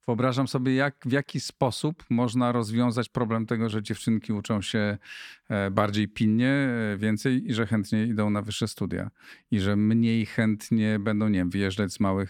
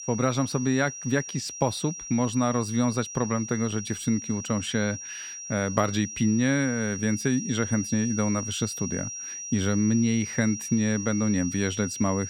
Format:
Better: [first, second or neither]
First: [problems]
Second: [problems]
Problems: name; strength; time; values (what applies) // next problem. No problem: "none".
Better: first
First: none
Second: high-pitched whine; loud; throughout; 5.5 kHz, 8 dB below the speech